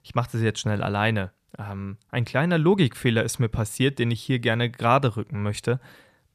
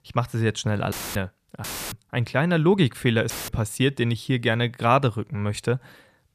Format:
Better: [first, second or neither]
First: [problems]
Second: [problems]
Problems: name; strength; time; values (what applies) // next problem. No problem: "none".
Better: first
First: none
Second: audio cutting out; filled with static; at 1 s, at 1.5 s and at 3.5 s